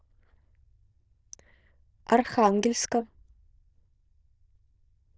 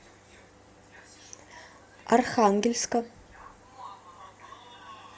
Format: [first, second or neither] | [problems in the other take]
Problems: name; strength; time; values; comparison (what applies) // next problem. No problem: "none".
second | noise reduction (neural diffusion model UNIVERSE++)